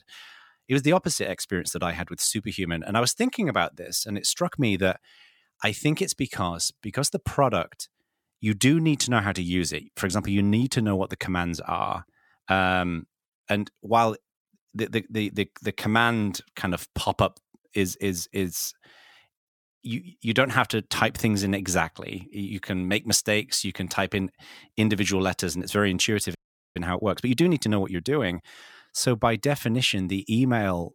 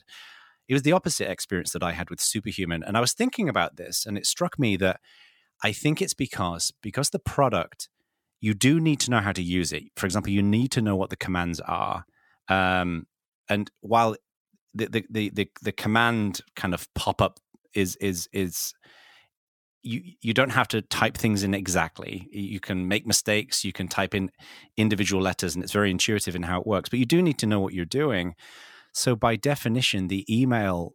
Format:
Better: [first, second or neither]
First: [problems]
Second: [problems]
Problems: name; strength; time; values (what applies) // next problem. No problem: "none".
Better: second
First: audio freezing; at 26 s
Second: none